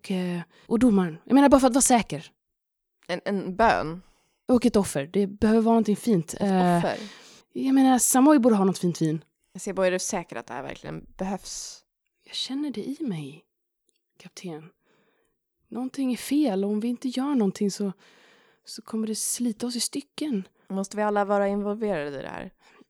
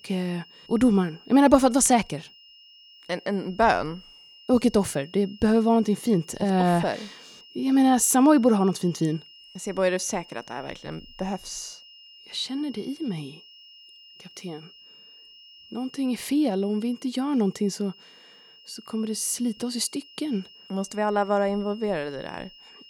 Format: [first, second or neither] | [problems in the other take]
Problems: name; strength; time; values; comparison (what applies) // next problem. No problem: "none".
first | high-pitched whine; faint; throughout; 3 kHz, 25 dB below the speech